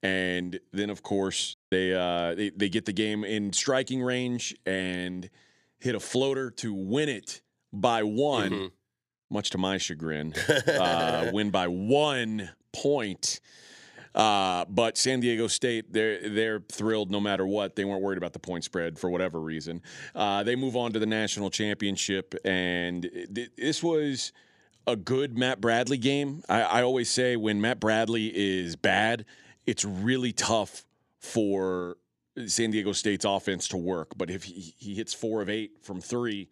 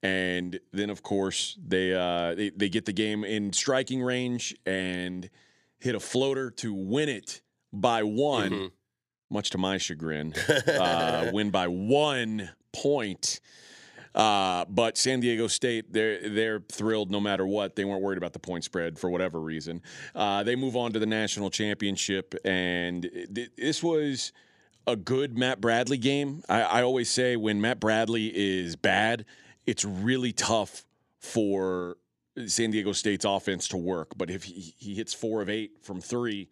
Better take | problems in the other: second | audio cutting out; at 1.5 s

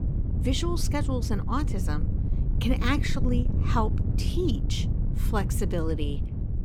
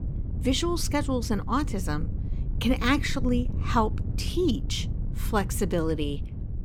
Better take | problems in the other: second | wind noise on the microphone; heavy; 9 dB below the speech; occasional gusts in the second

